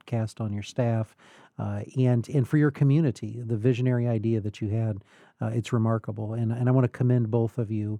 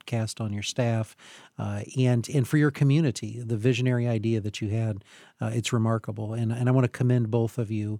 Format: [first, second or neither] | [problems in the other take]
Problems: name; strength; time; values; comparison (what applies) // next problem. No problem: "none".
second | muffled; slightly; fading above 2 kHz